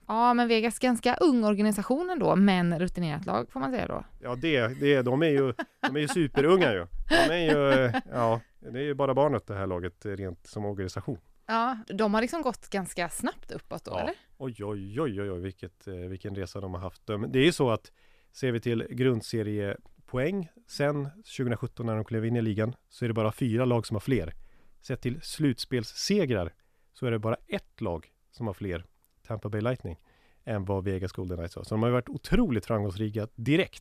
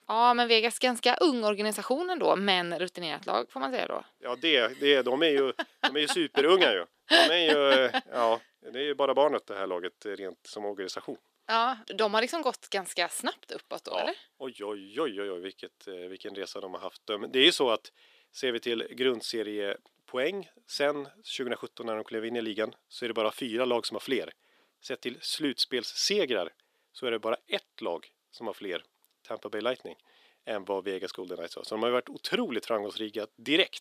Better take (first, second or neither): first